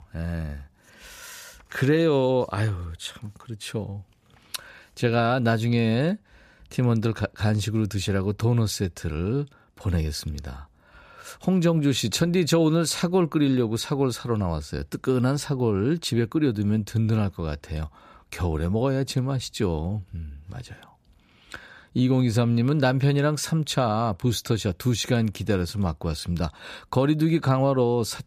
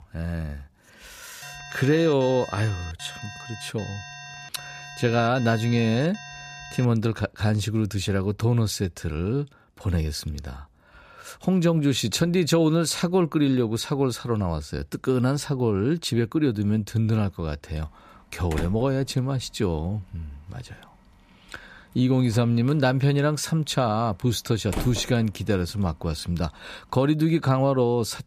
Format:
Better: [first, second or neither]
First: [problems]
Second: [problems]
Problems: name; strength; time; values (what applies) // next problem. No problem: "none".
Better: first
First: none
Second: alarm; faint; from 1.5 to 7 s; peak 15 dB below the speech // door banging; noticeable; from 19 to 25 s; peak 8 dB below the speech